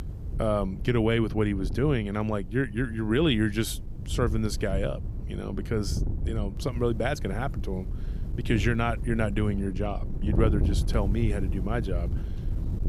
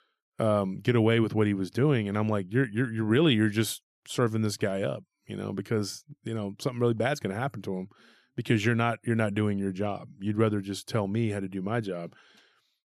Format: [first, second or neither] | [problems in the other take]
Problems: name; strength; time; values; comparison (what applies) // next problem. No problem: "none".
second | wind noise on the microphone; occasional gusts; 15 dB below the speech